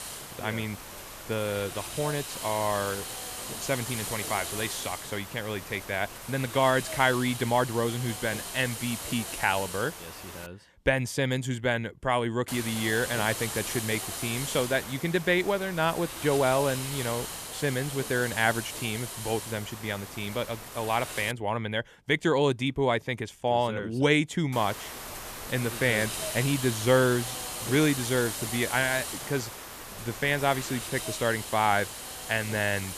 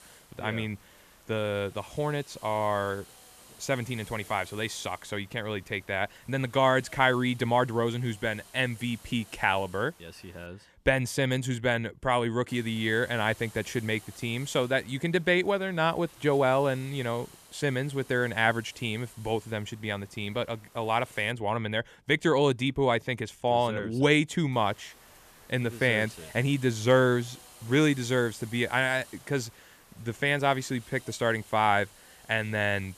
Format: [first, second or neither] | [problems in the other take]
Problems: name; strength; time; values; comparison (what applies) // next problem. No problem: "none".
second | hiss; loud; until 10 s, from 12 to 21 s and from 25 s on; 7 dB below the speech; faint in the second